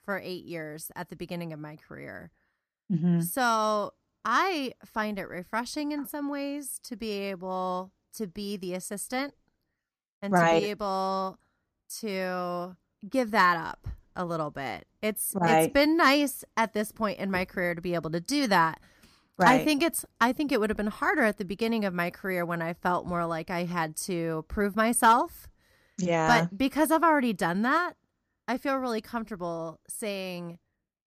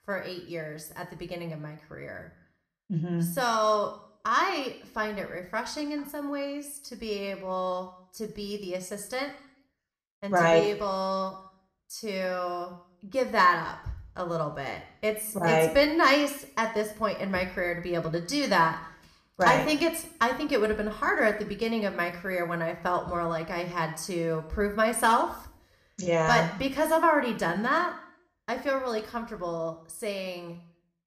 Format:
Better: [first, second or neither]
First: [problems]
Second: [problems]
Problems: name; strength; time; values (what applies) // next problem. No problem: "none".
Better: first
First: none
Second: room echo; slight; dies away in 0.6 s